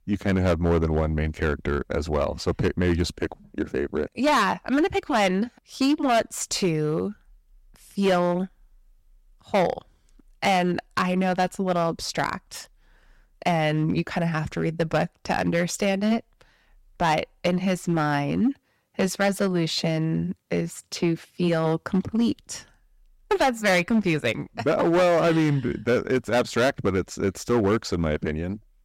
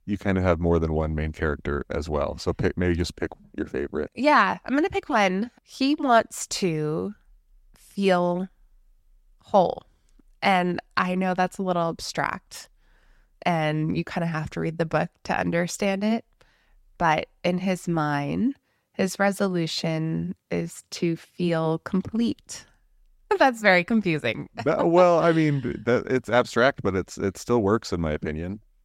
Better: second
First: distortion; slight; 6% of the sound clipped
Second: none

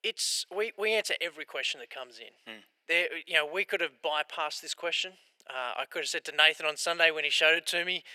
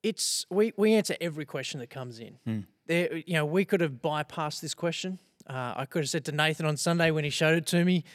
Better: second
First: thin; very; fading below 450 Hz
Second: none

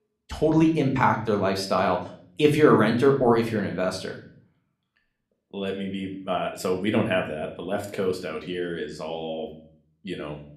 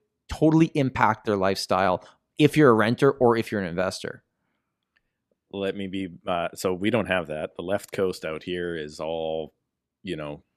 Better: second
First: room echo; slight; dies away in 0.5 s // off-mic speech; somewhat distant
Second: none

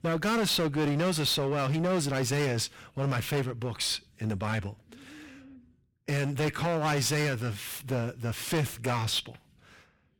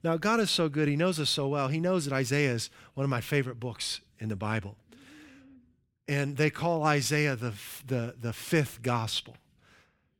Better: second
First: distortion; heavy; 15% of the sound clipped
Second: none

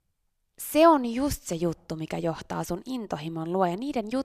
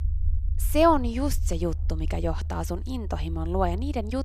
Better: first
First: none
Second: low rumble; faint; throughout; 25 dB below the speech

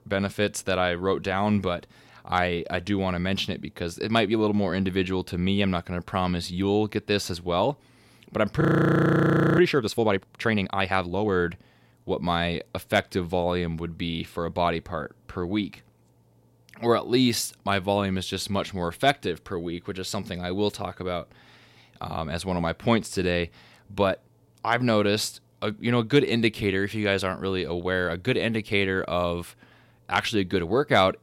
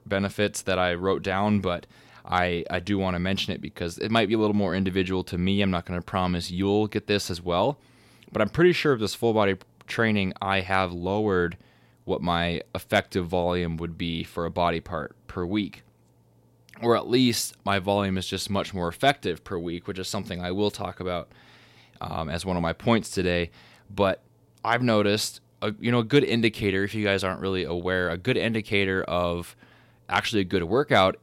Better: second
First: audio freezing; at 8.5 s for 1 s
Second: none

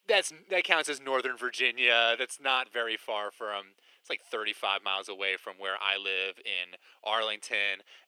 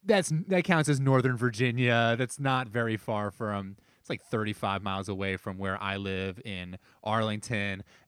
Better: second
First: thin; very; fading below 400 Hz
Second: none

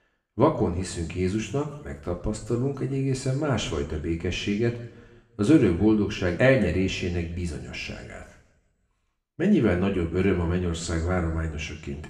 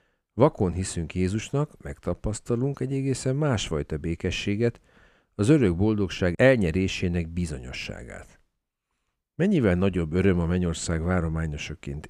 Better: second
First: room echo; slight; dies away in 0.7 s // off-mic speech; somewhat distant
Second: none

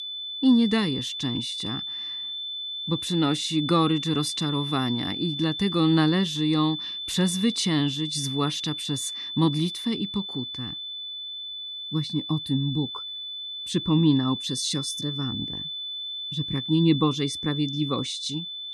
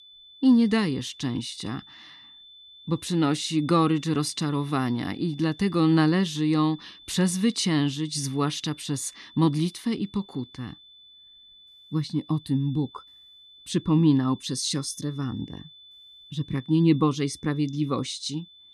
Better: second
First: high-pitched whine; loud; throughout; 3.5 kHz, 5 dB below the speech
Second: high-pitched whine; faint; throughout; 3.5 kHz, 20 dB below the speech

